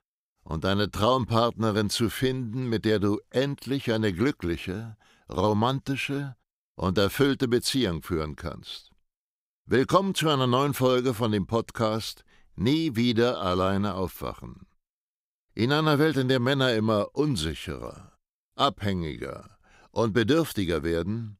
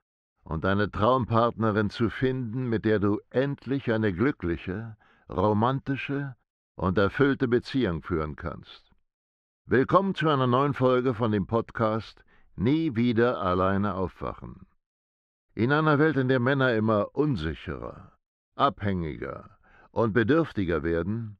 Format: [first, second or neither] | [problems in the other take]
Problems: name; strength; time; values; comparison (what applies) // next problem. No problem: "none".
first | muffled; very; fading above 2 kHz